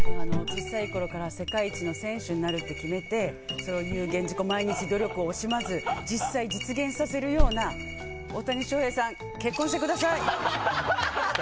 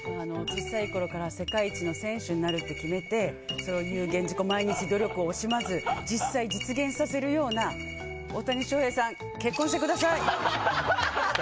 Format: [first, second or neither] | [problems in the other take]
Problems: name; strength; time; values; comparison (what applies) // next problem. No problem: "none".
second | background sound (Cricket); 2 dB below the speech